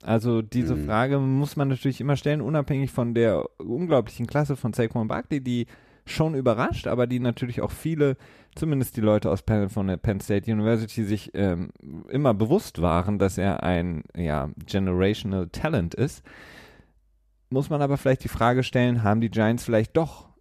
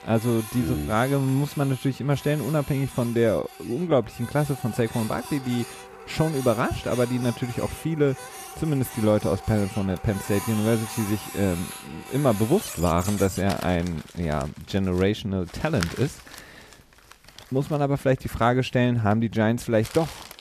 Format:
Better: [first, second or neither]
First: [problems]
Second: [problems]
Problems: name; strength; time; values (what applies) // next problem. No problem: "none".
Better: first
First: none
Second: household noises; noticeable; throughout; 15 dB below the speech